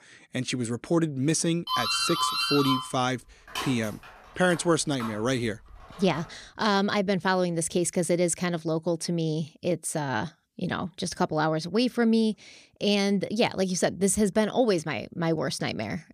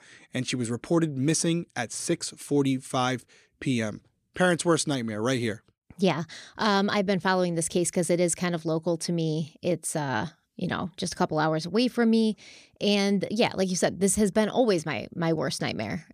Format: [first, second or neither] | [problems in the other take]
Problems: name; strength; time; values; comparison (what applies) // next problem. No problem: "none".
second | doorbell; loud; from 1.5 to 6 s; peak 2 dB above the speech